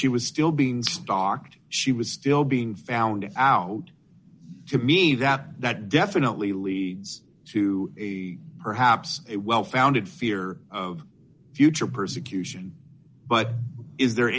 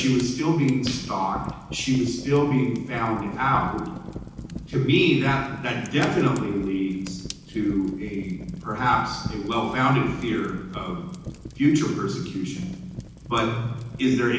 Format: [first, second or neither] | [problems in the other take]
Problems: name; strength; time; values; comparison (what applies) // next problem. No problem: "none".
first | background sound (Fire); 14 dB below the speech // room echo; dies away in 0.9 s